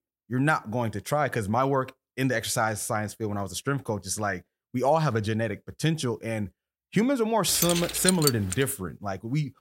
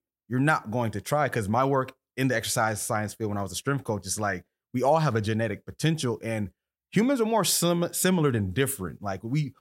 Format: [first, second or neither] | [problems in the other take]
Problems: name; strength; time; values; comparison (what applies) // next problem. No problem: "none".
second | jangling keys; loud; at 7.5 s; peak 2 dB above the speech